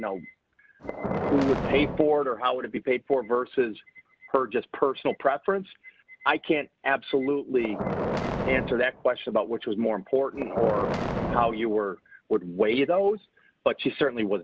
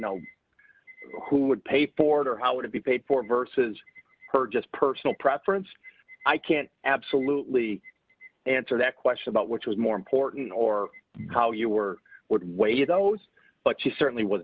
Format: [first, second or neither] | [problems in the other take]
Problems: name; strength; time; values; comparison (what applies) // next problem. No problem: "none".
second | background sound (Boom); 4 dB below the speech